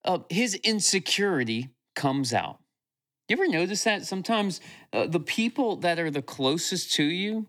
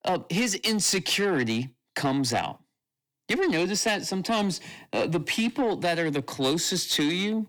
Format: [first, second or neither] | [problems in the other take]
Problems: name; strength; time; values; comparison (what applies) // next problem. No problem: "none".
first | distortion; slight; 10 dB below the speech